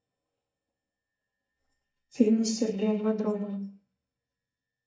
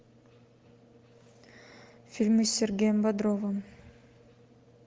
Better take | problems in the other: second | noise reduction (neural mask model DeepFilterNet 3)

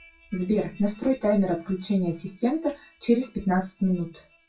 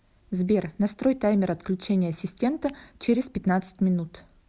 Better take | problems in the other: second | noise reduction (classical method WPE with log-MMSE)

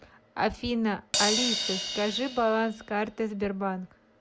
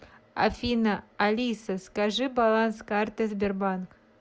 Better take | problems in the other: second | background sound (Crash cymbal); 4 dB below the speech

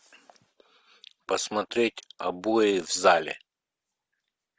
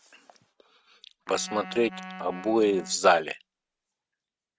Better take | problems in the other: first | noise reduction (neural mask model RNNoise)

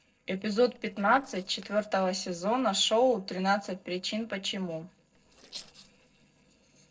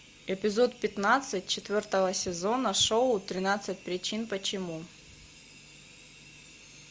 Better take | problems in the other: second | noise reduction (neural separator model SepFormer DNS4)

